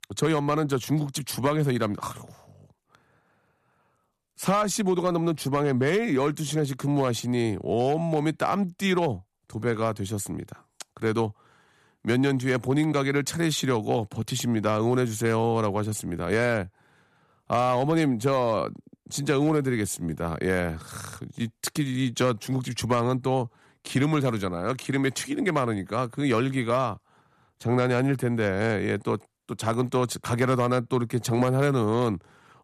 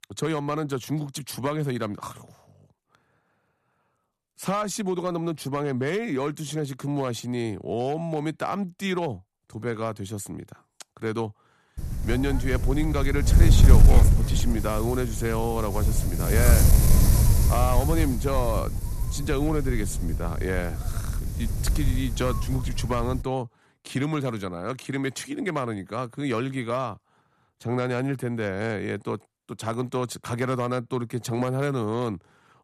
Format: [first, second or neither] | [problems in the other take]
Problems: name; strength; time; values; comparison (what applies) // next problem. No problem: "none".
first | wind noise on the microphone; heavy; from 12 to 23 s; 6 dB below the speech